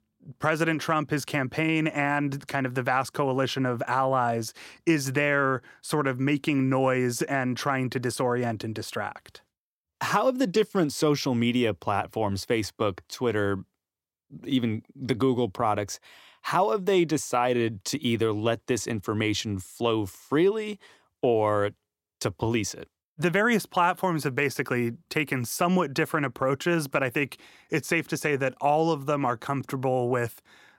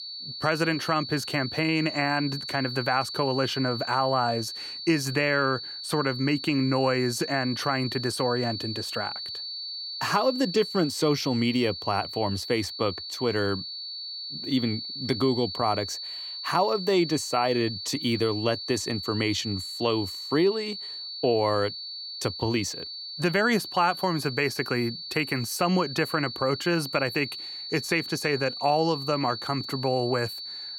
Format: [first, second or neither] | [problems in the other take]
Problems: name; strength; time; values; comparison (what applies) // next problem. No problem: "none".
first | high-pitched whine; loud; throughout; 4.5 kHz, 7 dB below the speech